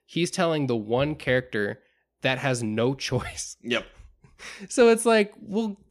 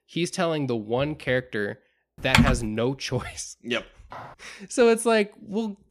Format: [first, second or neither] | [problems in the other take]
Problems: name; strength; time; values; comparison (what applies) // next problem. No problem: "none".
first | keyboard typing; loud; at 2.5 s; peak 6 dB above the speech // footsteps; faint; at 4 s; peak 15 dB below the speech